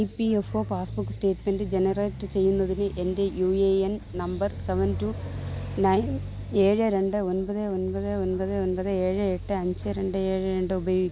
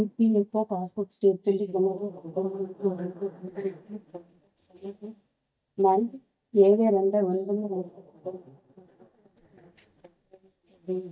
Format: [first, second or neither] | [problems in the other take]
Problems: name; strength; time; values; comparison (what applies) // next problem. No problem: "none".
first | noise reduction (neural mask model DeepFilterNet 3)